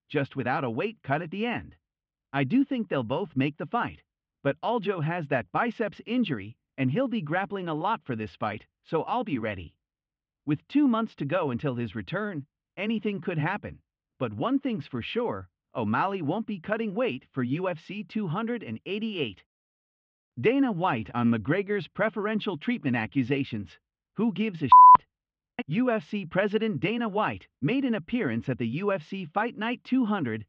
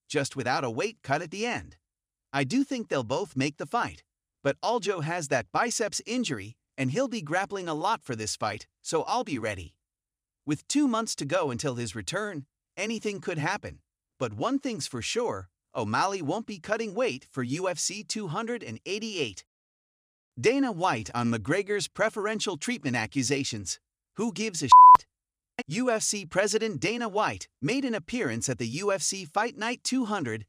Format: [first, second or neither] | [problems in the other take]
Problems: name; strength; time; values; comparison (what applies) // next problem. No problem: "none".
second | muffled; very; fading above 3 kHz